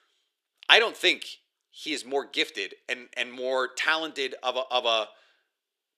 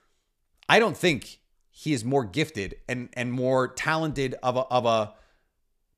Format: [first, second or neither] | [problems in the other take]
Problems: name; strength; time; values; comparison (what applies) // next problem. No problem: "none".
second | thin; somewhat; fading below 350 Hz